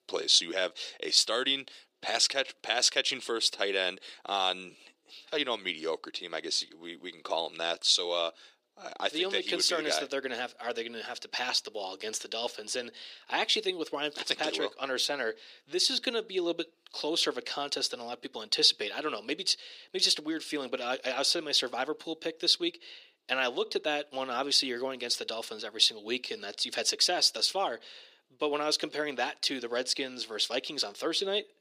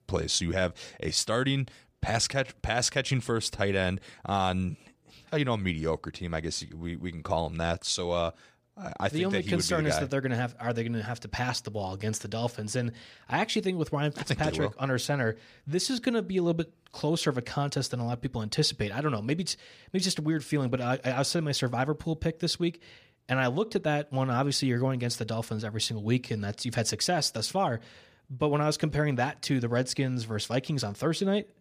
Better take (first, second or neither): second